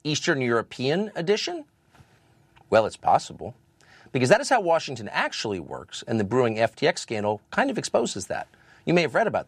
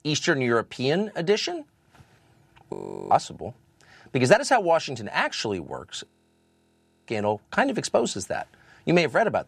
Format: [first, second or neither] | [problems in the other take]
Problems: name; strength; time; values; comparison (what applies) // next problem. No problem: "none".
first | audio freezing; at 2.5 s and at 6 s for 1 s